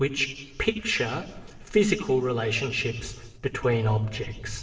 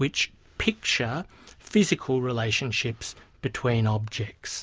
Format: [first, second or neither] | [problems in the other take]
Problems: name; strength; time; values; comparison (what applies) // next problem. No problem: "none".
second | noise reduction (neural separator model SepFormer DNS4)